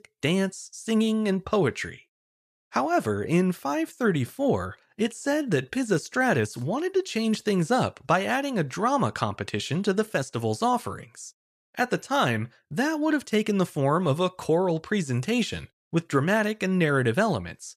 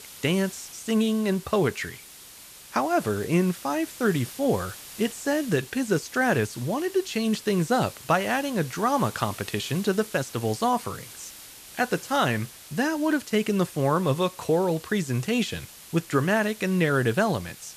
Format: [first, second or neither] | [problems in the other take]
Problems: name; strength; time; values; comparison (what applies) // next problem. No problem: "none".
first | hiss; noticeable; throughout; 15 dB below the speech